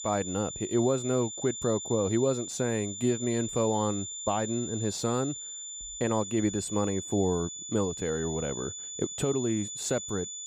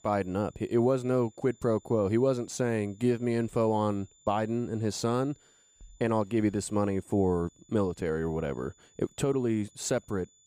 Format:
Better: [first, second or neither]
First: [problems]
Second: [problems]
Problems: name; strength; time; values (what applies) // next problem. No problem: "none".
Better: second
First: high-pitched whine; loud; throughout; 7 kHz, 7 dB below the speech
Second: high-pitched whine; faint; throughout; 7 kHz, 30 dB below the speech